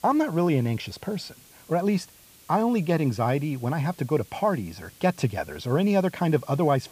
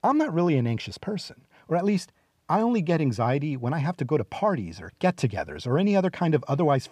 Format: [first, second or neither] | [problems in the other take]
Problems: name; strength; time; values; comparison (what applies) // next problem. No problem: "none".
second | hiss; faint; throughout; 25 dB below the speech